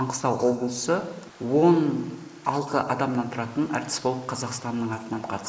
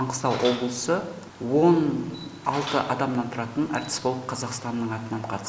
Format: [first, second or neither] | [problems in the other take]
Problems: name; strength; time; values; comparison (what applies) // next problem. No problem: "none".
second | noise reduction (neural mask model Resemble Enhance denoiser)